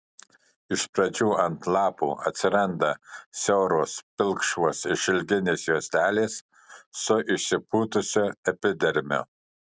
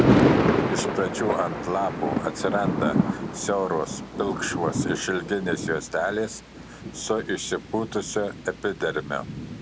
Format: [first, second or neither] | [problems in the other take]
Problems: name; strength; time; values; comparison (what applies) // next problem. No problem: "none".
first | background sound (Thunder); 2 dB above the speech